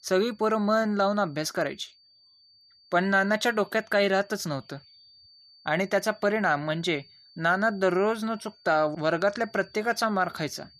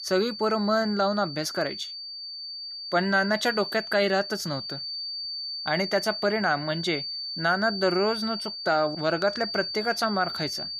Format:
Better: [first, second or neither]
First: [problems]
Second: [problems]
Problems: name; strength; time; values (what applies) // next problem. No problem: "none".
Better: first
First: high-pitched whine; faint; throughout; 4.5 kHz, 30 dB below the speech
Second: high-pitched whine; loud; throughout; 4.5 kHz, 6 dB below the speech